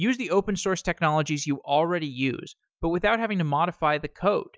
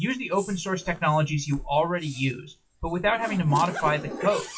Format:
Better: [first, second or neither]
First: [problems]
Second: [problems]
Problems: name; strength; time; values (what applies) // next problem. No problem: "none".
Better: first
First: none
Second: noise reduction (classical method WPE with log-MMSE)